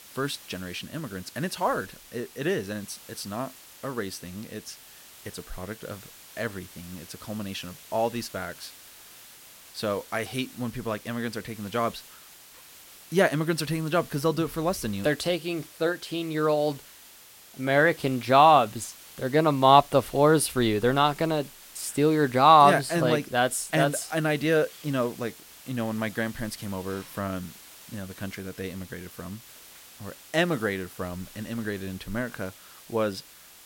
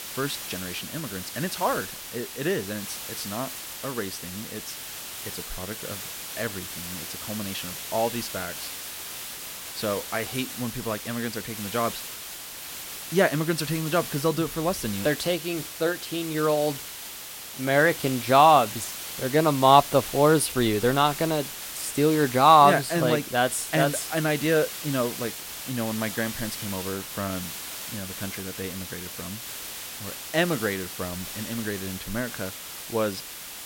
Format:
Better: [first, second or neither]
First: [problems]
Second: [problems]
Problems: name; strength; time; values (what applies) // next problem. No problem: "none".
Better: first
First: hiss; faint; throughout; 20 dB below the speech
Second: hiss; loud; throughout; 9 dB below the speech